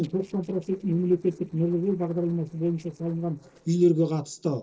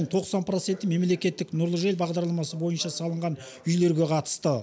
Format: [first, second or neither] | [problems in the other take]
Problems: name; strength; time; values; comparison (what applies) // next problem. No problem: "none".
second | noise reduction (neural separator model SepFormer DNS4)